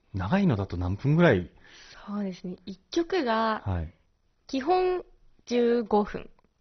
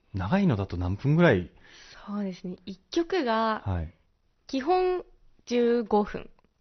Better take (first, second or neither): second